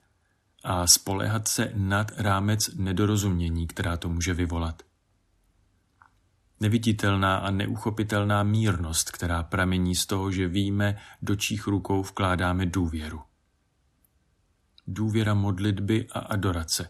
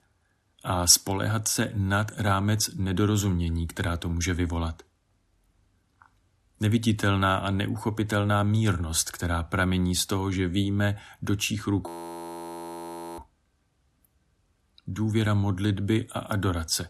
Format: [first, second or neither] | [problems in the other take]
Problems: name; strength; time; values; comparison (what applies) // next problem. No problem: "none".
first | audio freezing; at 12 s for 1.5 s